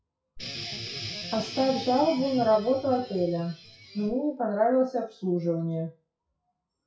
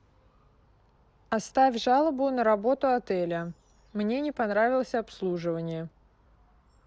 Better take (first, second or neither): second